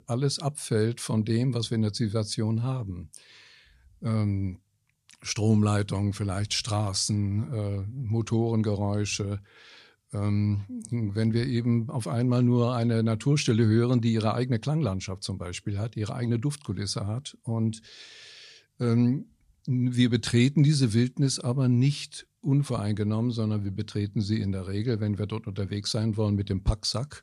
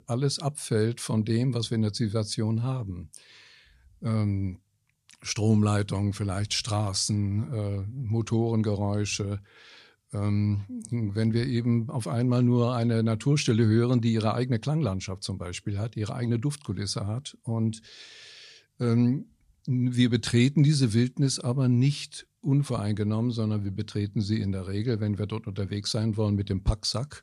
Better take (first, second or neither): neither